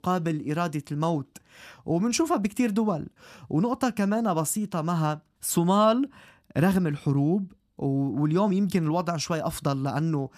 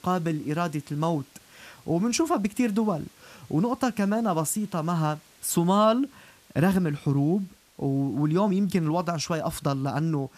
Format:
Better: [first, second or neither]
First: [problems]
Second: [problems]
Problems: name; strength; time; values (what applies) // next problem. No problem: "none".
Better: first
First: none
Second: hiss; faint; throughout; 30 dB below the speech